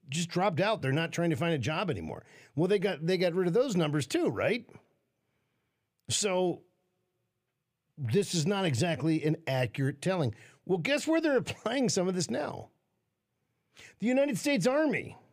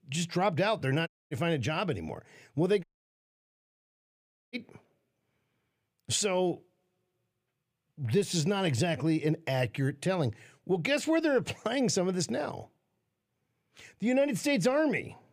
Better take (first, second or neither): first